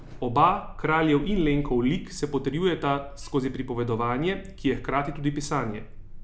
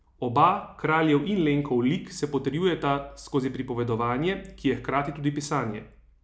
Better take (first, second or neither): second